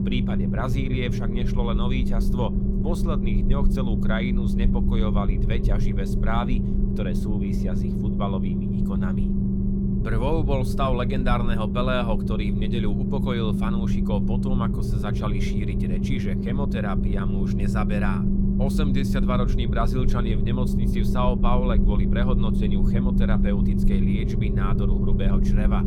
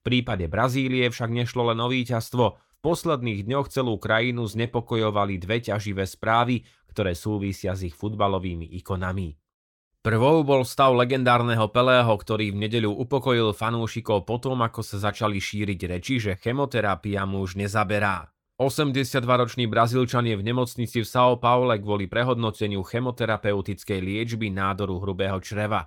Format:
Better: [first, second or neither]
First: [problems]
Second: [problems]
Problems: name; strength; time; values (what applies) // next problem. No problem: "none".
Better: second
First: low rumble; loud; throughout; 2 dB below the speech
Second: none